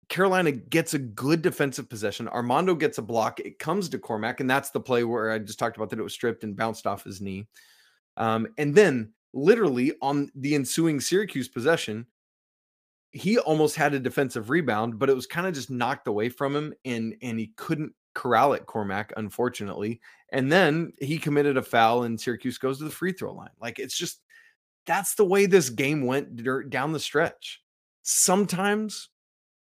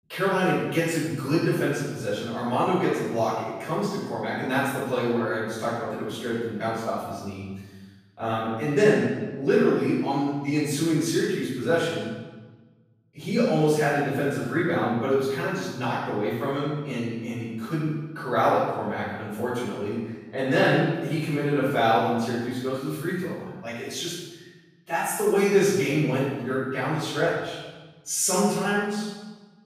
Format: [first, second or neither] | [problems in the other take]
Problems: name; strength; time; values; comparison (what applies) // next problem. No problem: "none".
first | off-mic speech; far // room echo; strong; dies away in 1.1 s